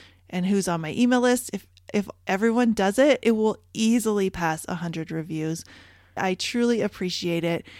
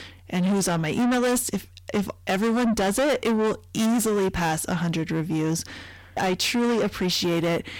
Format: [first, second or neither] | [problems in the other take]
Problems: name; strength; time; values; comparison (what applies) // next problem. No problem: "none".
first | distortion; heavy; 5 dB below the speech